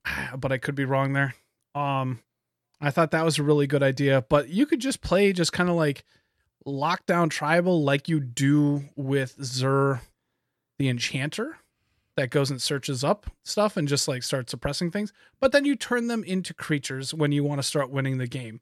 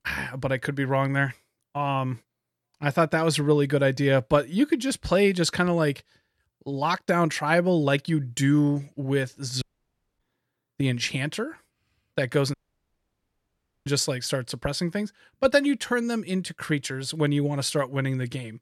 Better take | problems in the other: first | audio cutting out; at 9.5 s for 0.5 s and at 13 s for 1.5 s

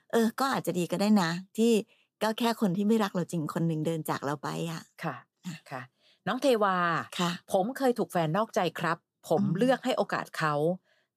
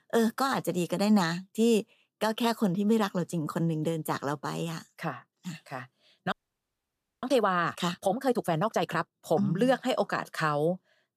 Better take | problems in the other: first | audio freezing; at 6.5 s for 1 s

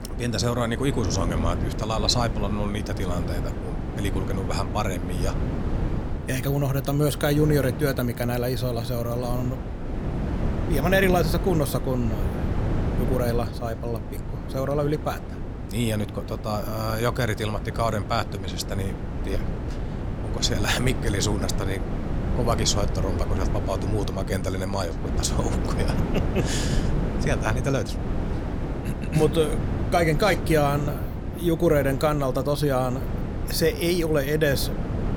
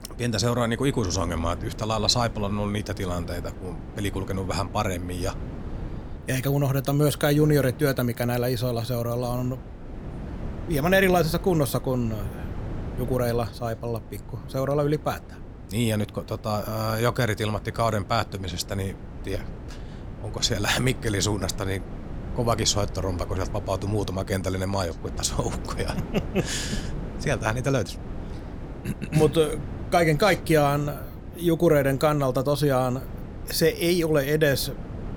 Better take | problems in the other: second | wind noise on the microphone; heavy; 9 dB below the speech; occasional gusts in the second

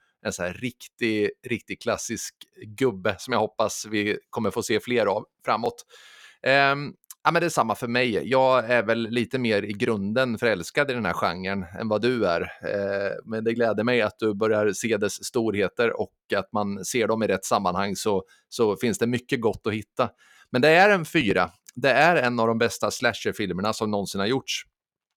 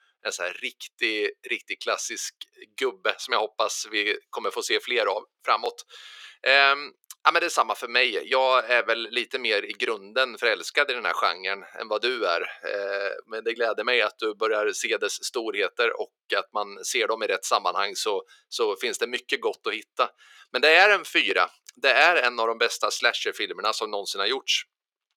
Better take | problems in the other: first | thin; very; fading below 400 Hz

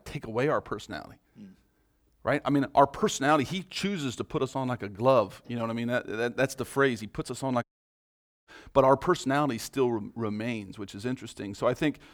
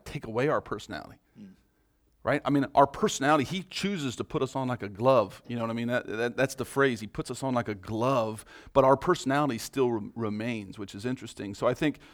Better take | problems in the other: second | audio cutting out; at 7.5 s for 1 s

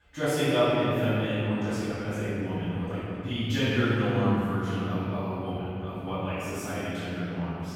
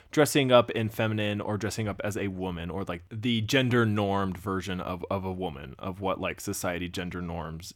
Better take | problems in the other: second | off-mic speech; far // room echo; strong; dies away in 3 s

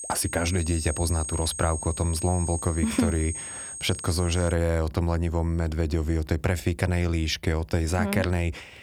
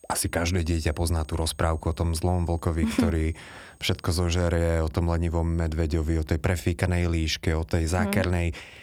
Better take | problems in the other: second | high-pitched whine; loud; until 4.5 s; 8.5 kHz, 7 dB below the speech; faint in the second

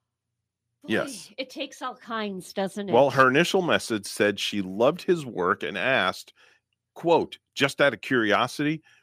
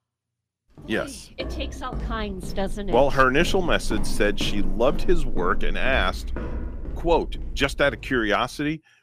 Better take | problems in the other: first | footsteps; noticeable; from 1.5 to 8.5 s; peak 7 dB below the speech

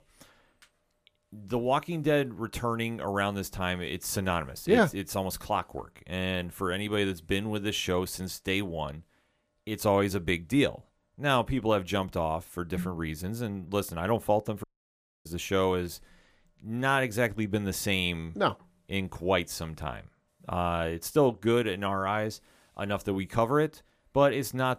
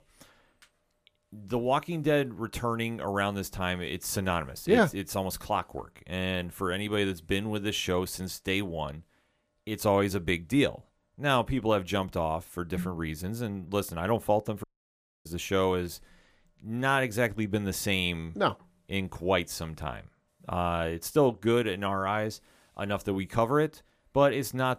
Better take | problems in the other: neither | audio cutting out; at 15 s for 0.5 s; the same in both

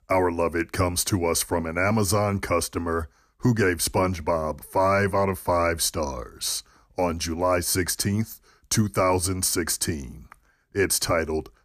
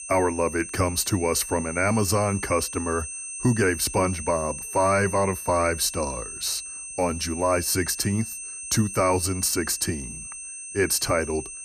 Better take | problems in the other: first | high-pitched whine; loud; throughout; 8.5 kHz, 9 dB below the speech

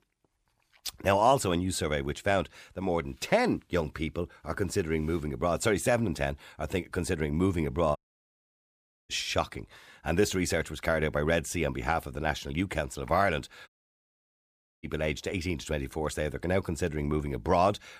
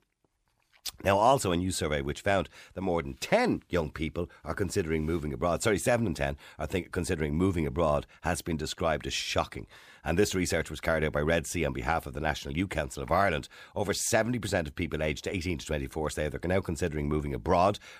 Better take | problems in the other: second | audio cutting out; at 8 s for 1 s and at 14 s for 1 s

